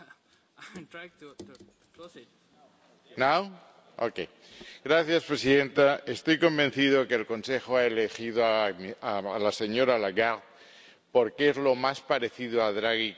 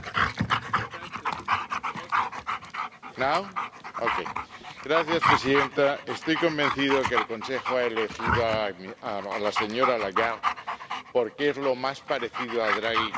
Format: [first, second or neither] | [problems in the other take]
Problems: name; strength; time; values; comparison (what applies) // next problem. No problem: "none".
first | background sound (Dog); 1 dB below the speech